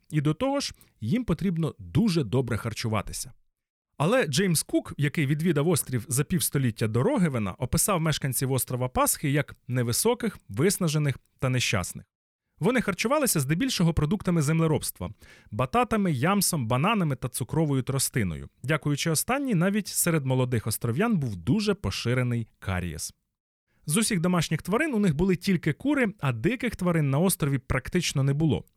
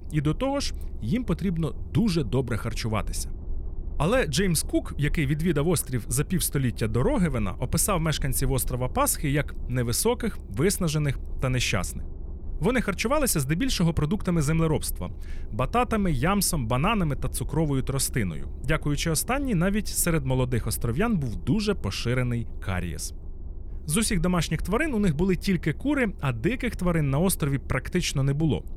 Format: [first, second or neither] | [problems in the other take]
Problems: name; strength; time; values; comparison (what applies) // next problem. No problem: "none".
first | low rumble; faint; throughout; 25 dB below the speech